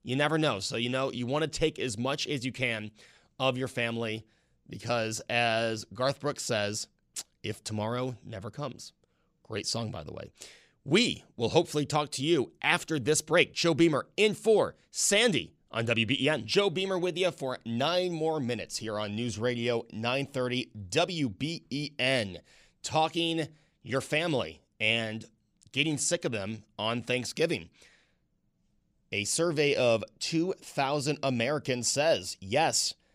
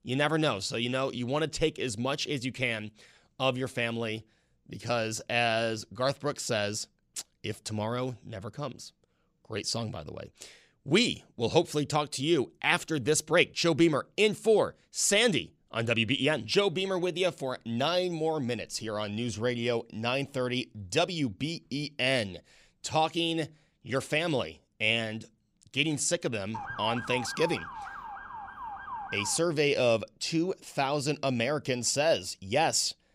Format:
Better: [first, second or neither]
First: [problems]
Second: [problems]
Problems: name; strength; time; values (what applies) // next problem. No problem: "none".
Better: first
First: none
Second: siren; noticeable; from 27 to 29 s; peak 7 dB below the speech